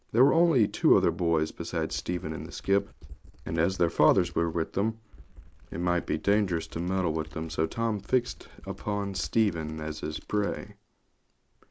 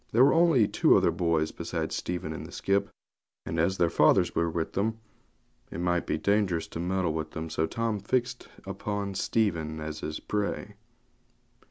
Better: second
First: noise reduction (neural mask model Resemble Enhance denoiser)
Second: none

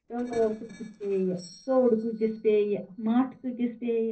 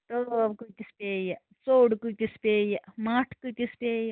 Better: second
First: noise reduction (neural separator model SepFormer DNS4)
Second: none

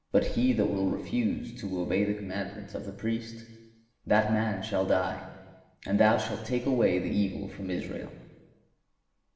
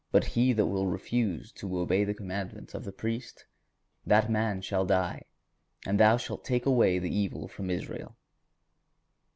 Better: second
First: room echo; dies away in 1.3 s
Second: none

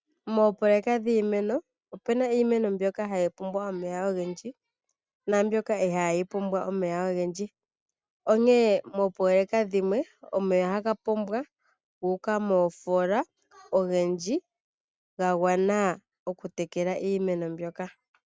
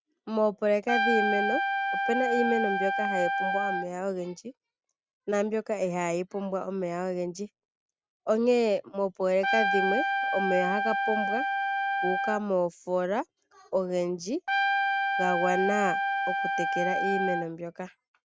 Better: first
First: none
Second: background sound (Trumpet); 2 dB above the speech

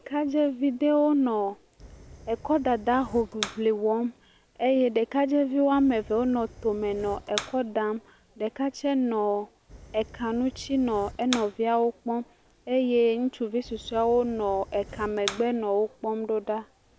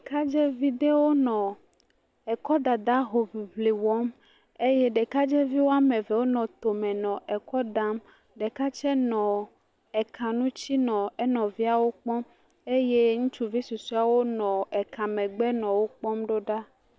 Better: second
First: background sound (Fire); 17 dB below the speech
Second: none

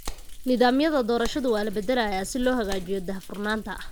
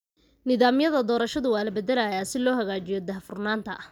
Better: second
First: background sound (Thunder + Clapping); 10 dB below the speech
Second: none

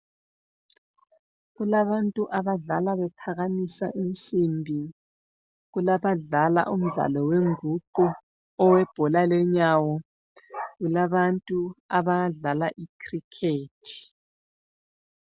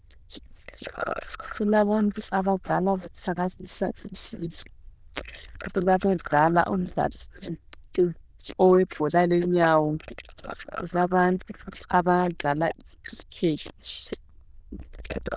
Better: first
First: none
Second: noise reduction (neural diffusion model UNIVERSE++)

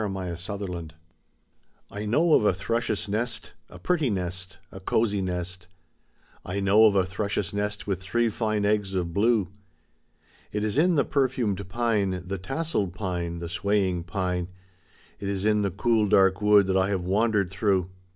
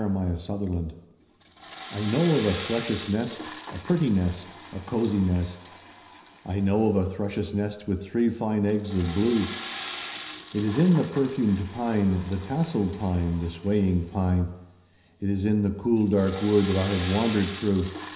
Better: first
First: none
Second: background sound (Toilet flush / Water); 16 dB below the speech // room echo; dies away in 0.9 s

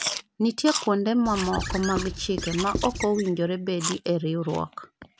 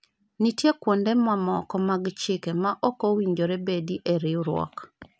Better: second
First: background sound (Chewing, mastication + Squeak / Writing); 8 dB below the speech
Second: none

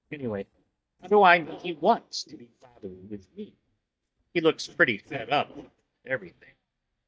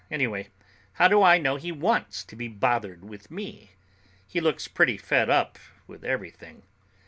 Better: second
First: noise reduction (neural mask model DeepFilterNet 3)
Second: none

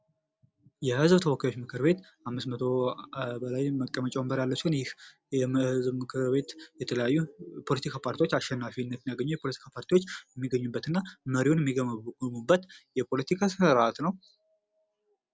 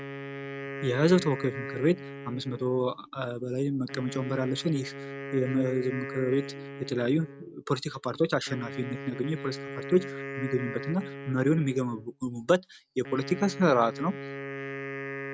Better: first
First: none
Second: noise reduction (neural mask model RNNoise)

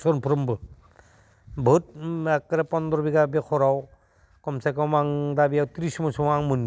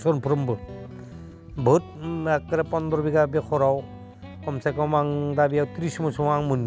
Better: first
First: none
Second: background sound (Guitar); 16 dB below the speech

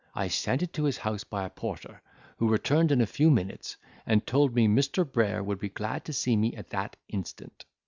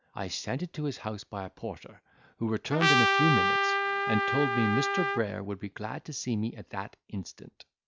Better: first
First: none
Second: background sound (Trumpet); 5 dB above the speech

